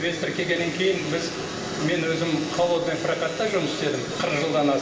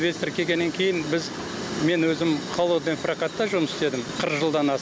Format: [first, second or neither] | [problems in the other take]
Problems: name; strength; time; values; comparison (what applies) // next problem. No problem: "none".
second | background sound (Doorbell); 19 dB below the speech // room echo; dies away in 2.5 s